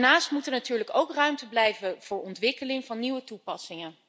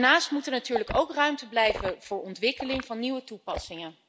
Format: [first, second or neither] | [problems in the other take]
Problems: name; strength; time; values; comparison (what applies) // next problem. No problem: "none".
first | background sound (Liquid); 12 dB below the speech